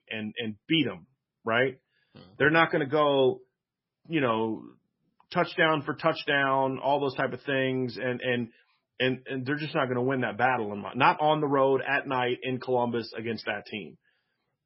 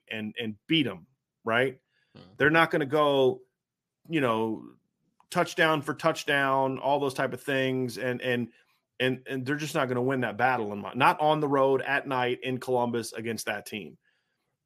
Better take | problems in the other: second | garbled, watery; badly; nothing above 5.5 kHz

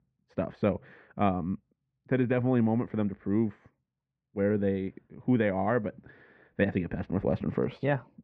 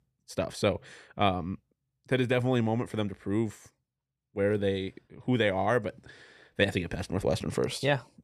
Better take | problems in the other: second | muffled; very; fading above 2 kHz

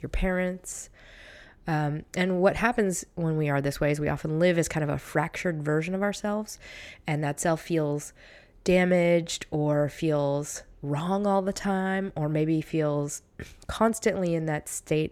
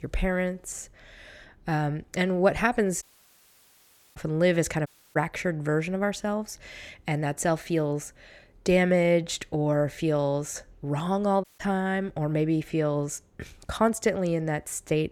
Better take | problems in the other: first | audio cutting out; at 3 s for 1 s, at 5 s and at 11 s

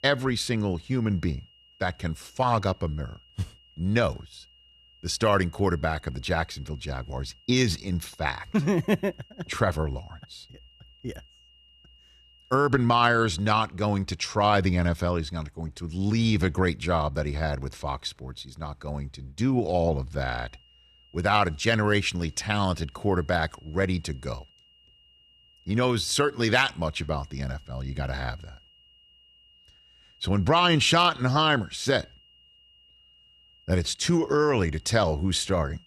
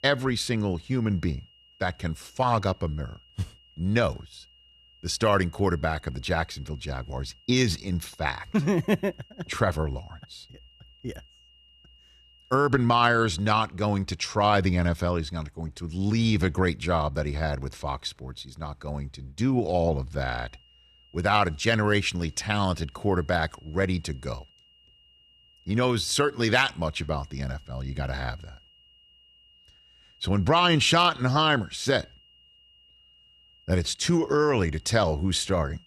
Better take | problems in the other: neither | high-pitched whine; faint; until 14 s and from 20 s on; 3 kHz, 30 dB below the speech; the same in both

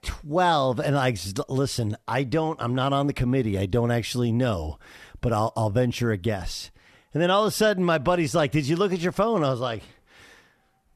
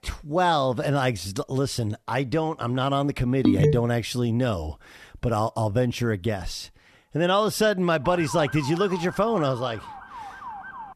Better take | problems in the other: first | phone ringing; loud; at 3.5 s; peak 4 dB above the speech // siren; noticeable; from 8 s on; peak 10 dB below the speech

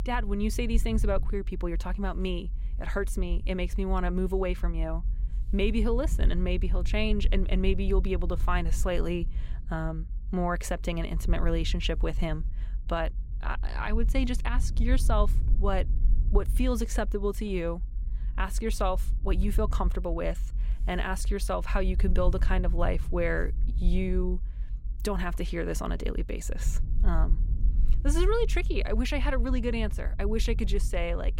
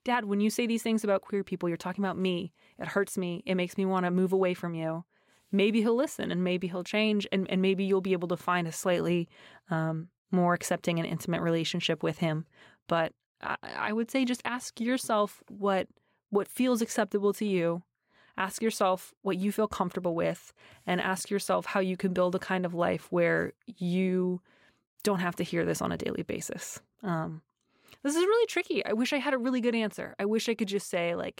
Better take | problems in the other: second | low rumble; noticeable; throughout; 20 dB below the speech

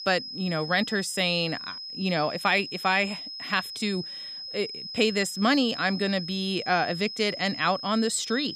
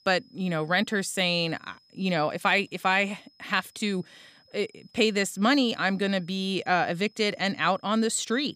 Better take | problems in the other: second | high-pitched whine; loud; throughout; 5 kHz, 9 dB below the speech; faint in the second

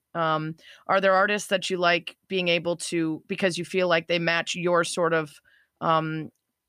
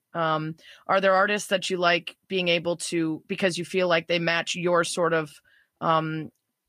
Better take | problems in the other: first | garbled, watery; slightly; nothing above 15 kHz

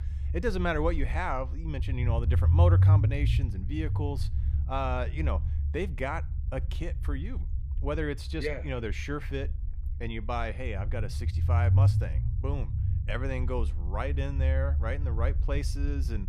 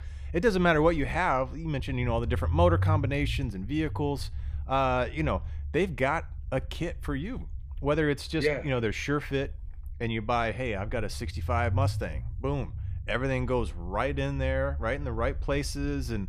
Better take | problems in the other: second | low rumble; loud; throughout; 9 dB below the speech; faint in the second

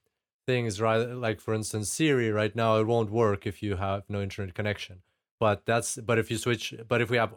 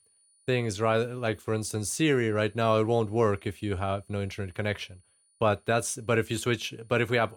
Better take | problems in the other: first | high-pitched whine; faint; throughout; 9.5 kHz, 35 dB below the speech

